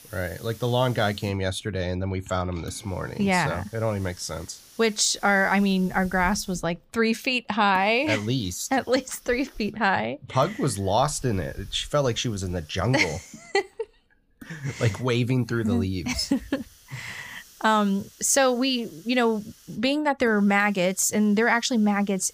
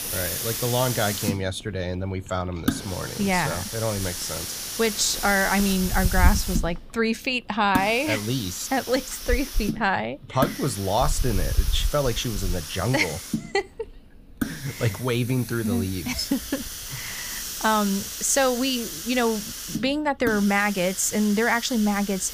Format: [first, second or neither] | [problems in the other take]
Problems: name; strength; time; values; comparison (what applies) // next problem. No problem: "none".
first | hiss; loud; throughout; 5 dB below the speech; faint in the first